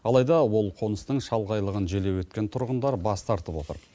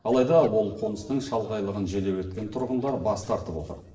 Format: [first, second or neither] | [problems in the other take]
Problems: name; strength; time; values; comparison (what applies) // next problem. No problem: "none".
first | noise reduction (neural separator model SepFormer DNS4)